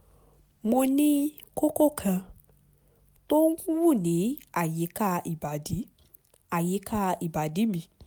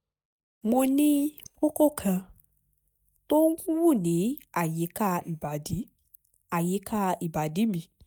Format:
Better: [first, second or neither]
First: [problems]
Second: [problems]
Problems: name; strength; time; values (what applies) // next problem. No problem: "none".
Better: first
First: none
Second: noise reduction (neural mask model DeepFilterNet 3)